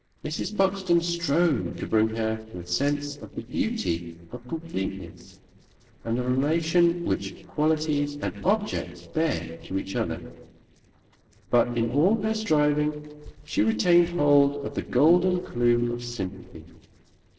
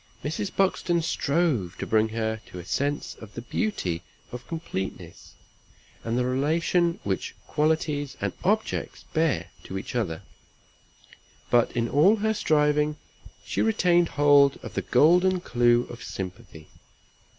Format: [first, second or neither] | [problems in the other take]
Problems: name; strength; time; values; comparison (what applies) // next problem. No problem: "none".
second | noise reduction (neural separator model SepFormer DNS4)